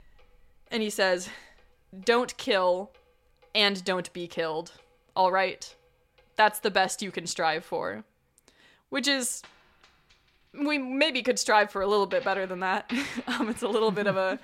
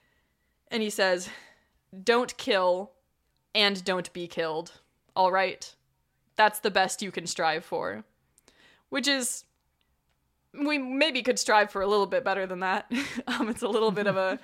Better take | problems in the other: second | household noises; faint; throughout; 25 dB below the speech

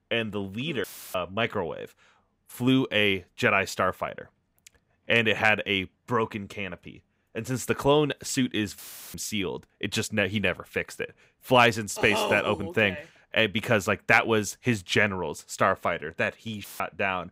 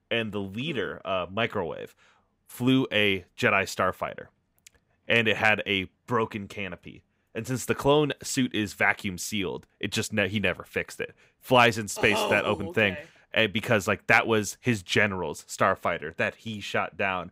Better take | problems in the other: second | audio cutting out; filled with static; at 1 s, at 9 s and at 17 s

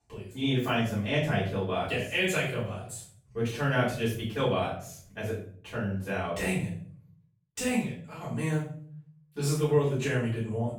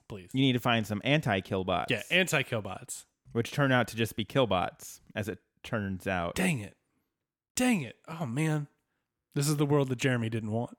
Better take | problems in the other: second | off-mic speech; far // room echo; noticeable; dies away in 0.5 s

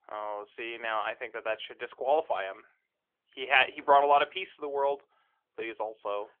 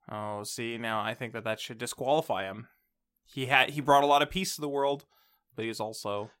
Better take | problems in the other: second | phone-call audio; nothing above 3.5 kHz

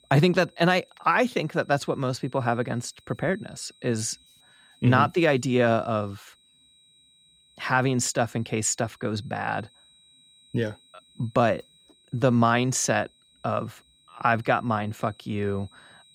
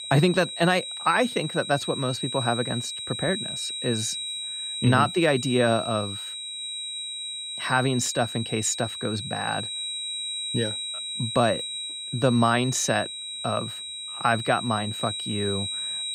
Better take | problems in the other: first | high-pitched whine; loud; throughout; 4 kHz, 5 dB below the speech; faint in the first

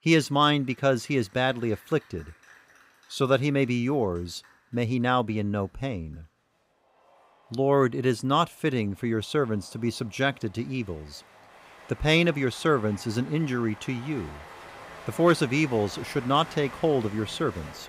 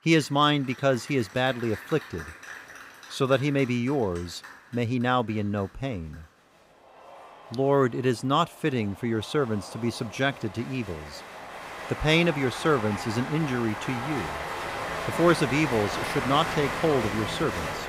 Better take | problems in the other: first | crowd noise; loud; throughout; 8 dB below the speech; faint in the first

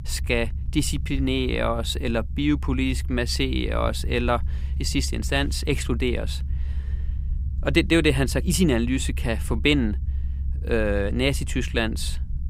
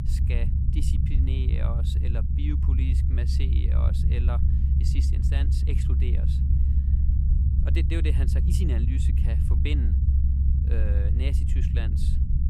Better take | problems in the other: first | low rumble; loud; throughout; as loud as the speech; faint in the first

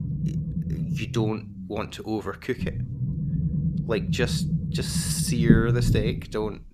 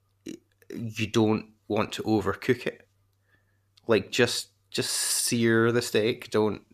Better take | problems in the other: second | low rumble; loud; throughout; 5 dB below the speech

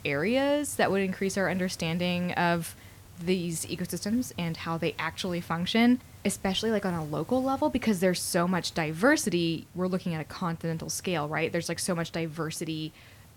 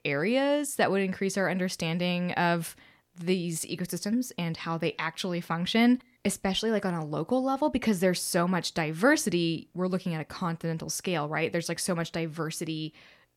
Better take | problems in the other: second | hiss; faint; throughout; 20 dB below the speech

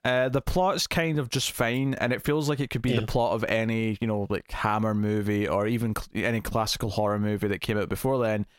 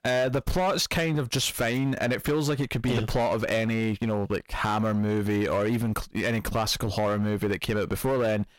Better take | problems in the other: first | distortion; slight; 12% of the sound clipped

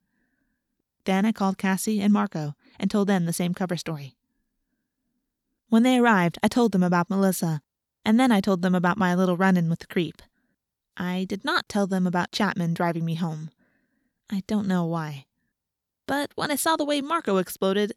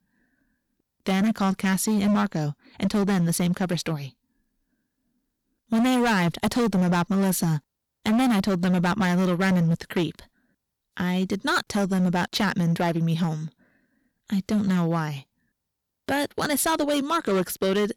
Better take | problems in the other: first | distortion; heavy; 14% of the sound clipped

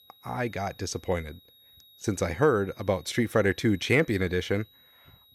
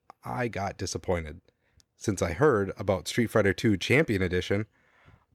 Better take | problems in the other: second | high-pitched whine; faint; throughout; 4 kHz, 25 dB below the speech

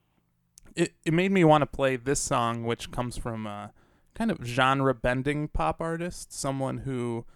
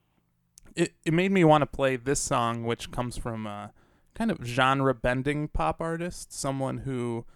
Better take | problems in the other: neither | none

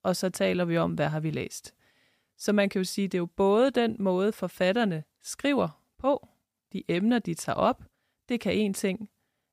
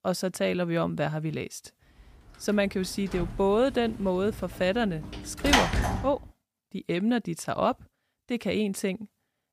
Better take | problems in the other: first | door banging; loud; from 3 to 6 s; peak 6 dB above the speech

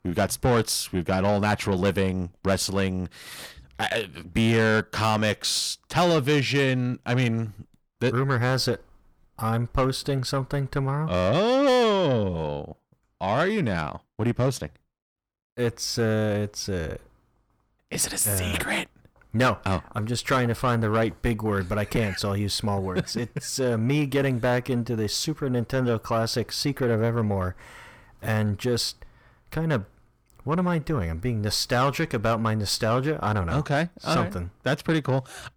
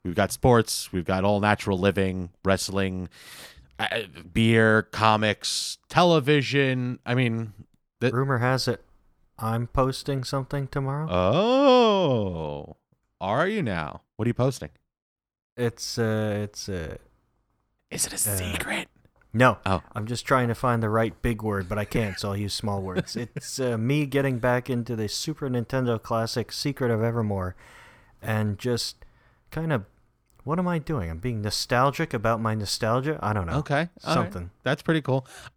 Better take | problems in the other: second | distortion; slight; 10 dB below the speech

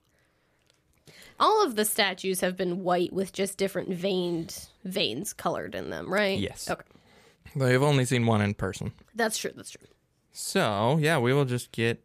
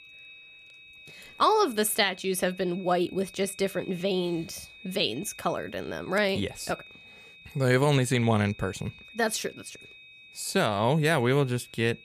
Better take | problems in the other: first | high-pitched whine; faint; throughout; 2.5 kHz, 20 dB below the speech

